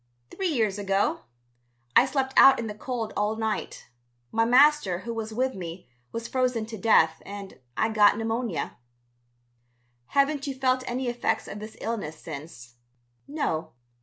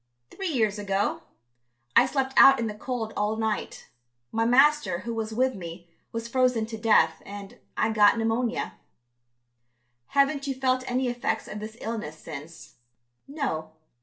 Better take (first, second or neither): first